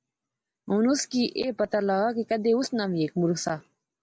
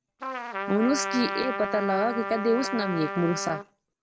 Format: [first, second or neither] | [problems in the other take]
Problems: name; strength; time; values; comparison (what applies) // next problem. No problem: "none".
first | background sound (Trumpet); 5 dB below the speech